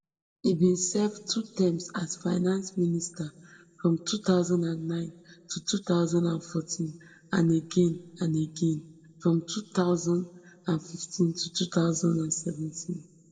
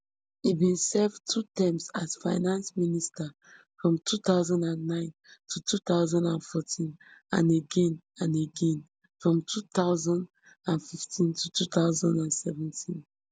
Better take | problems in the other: second | room echo; dies away in 1.1 s

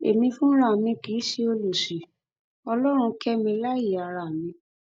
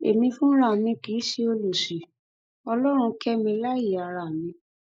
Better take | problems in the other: first | noise reduction (neural mask model Resemble Enhance denoiser)

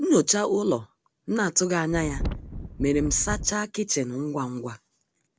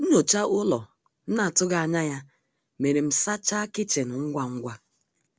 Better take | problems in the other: second | background sound (Wind); 6 dB below the speech

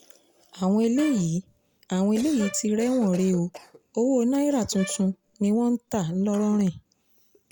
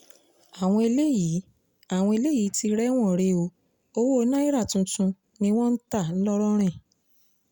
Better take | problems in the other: second | background sound (Cough + Bowed string instrument); 19 dB below the speech

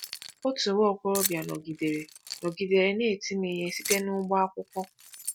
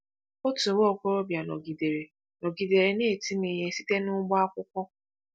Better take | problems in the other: second | background sound (Keys jangling); 11 dB below the speech

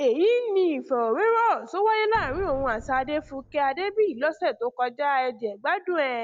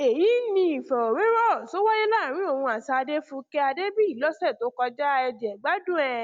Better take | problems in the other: second | background sound (Boom); 18 dB below the speech

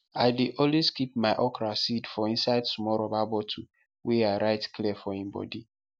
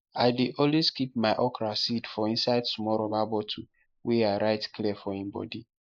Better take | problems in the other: first | noise reduction (neural mask model Resemble Enhance denoiser)

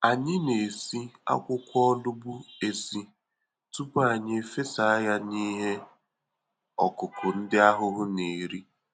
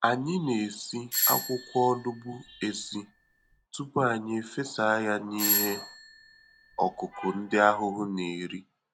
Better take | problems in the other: first | background sound (Doorbell); 4 dB below the speech

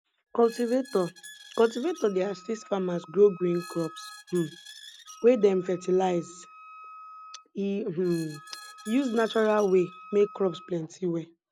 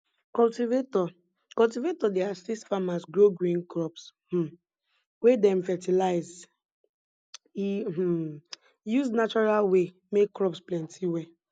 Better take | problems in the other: second | background sound (Wind instrument, woodwind instrument + Squeak); 20 dB below the speech

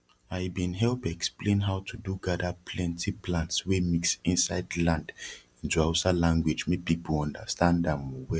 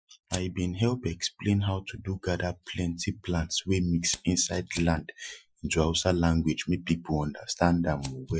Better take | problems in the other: first | noise reduction (classical method Wiener filter)

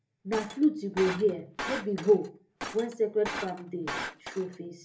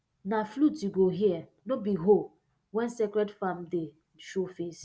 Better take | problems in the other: second | background sound (Shatter); 10 dB below the speech // room echo; dies away in 0.3 s

